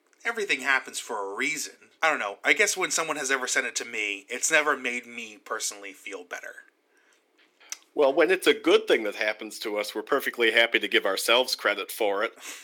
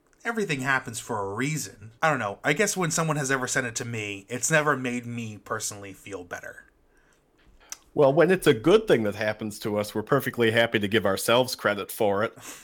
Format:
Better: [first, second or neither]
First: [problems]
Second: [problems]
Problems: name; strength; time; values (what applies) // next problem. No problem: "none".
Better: second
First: thin; somewhat; fading below 300 Hz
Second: none